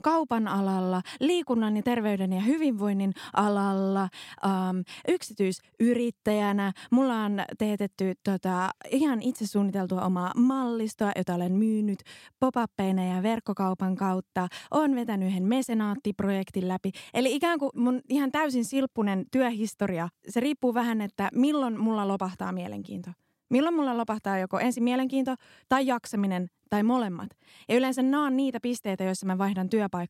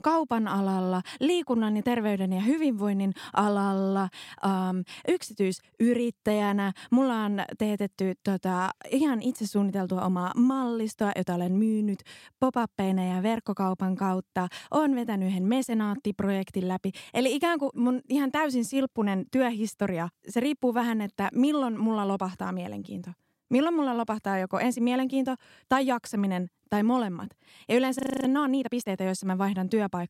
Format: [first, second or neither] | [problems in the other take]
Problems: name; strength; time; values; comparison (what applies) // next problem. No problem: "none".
first | audio freezing; at 28 s